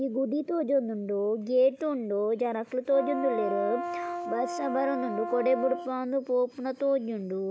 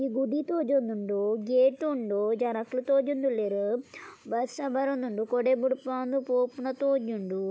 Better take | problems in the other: second | background sound (Brass instrument); 6 dB below the speech

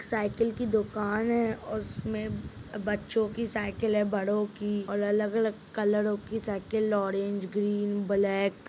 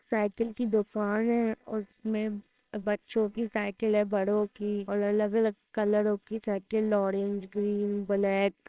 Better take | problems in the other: first | noise reduction (neural separator model SepFormer WHAMR!)

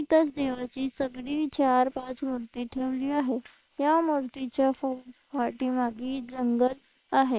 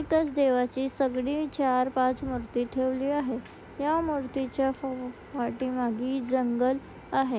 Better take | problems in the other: second | noise reduction (neural separator model SepFormer WHAM!)

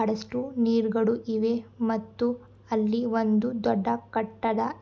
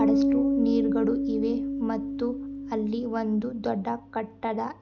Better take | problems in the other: first | background sound (Bass guitar); 1 dB above the speech

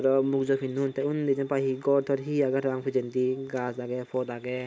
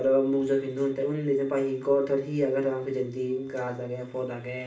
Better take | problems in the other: first | room echo; dies away in 0.3 s

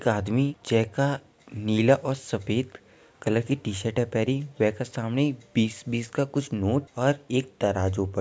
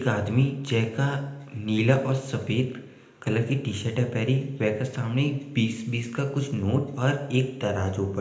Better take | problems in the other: first | room echo; dies away in 0.9 s

